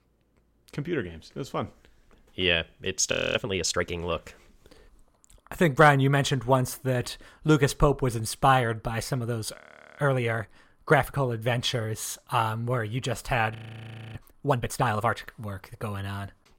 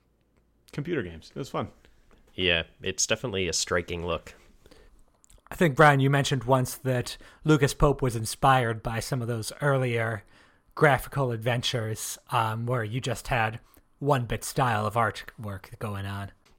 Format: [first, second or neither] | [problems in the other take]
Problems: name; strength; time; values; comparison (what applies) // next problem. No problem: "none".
second | audio freezing; at 3 s, at 9.5 s and at 14 s for 0.5 s